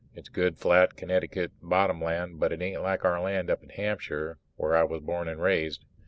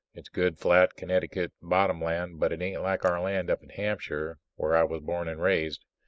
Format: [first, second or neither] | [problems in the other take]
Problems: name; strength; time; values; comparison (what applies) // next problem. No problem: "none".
first | noise reduction (neural mask model Resemble Enhance denoiser)